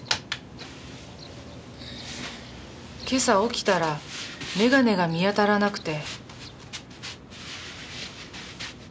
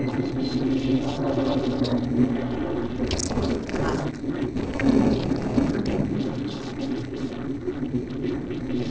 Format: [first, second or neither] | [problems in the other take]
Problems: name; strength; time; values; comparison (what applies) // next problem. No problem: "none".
first | noise reduction (neural separator model SepFormer DNS4)